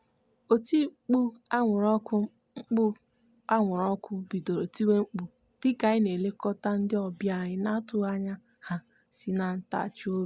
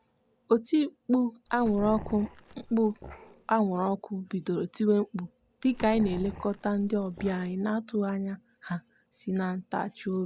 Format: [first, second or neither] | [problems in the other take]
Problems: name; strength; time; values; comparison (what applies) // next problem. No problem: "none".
first | background sound (Growling); 14 dB below the speech